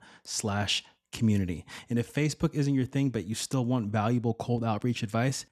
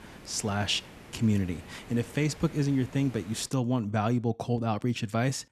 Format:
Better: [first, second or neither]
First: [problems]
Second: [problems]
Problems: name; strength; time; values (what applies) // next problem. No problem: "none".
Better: first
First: none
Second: hiss; noticeable; until 3.5 s; 20 dB below the speech